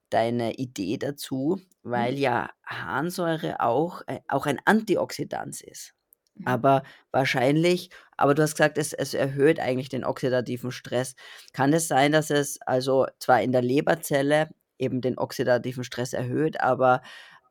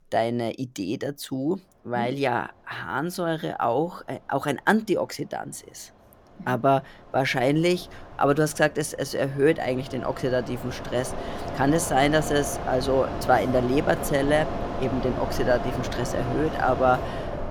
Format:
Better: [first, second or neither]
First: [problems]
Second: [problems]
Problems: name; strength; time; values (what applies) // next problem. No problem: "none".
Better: first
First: none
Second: machinery noise; loud; throughout; 7 dB below the speech